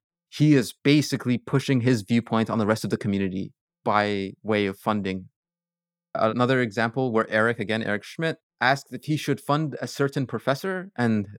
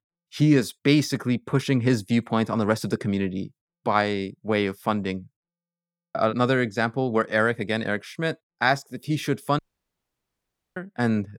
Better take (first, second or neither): first